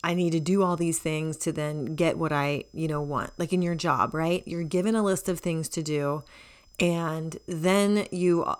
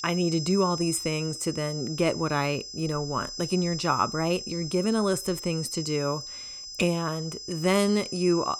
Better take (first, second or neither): first